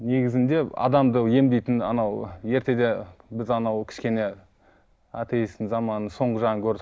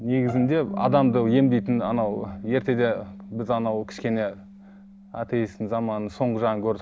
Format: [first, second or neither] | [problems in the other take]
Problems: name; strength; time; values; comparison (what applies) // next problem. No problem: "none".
first | background sound (Bass guitar + Bowed string instrument); 13 dB below the speech